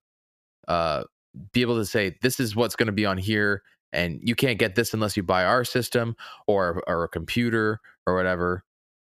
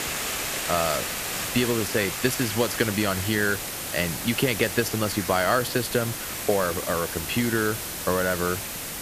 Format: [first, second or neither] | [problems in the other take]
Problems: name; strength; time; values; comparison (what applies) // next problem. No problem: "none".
first | hiss; loud; throughout; 3 dB below the speech